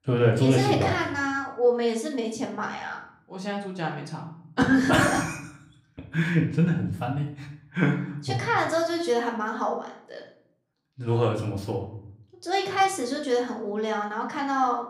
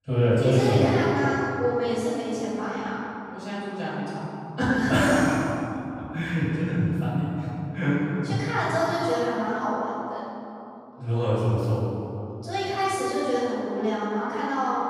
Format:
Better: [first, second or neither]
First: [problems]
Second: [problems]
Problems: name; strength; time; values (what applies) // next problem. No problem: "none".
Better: first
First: room echo; slight; dies away in 0.5 s // off-mic speech; somewhat distant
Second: room echo; strong; dies away in 2.9 s // off-mic speech; far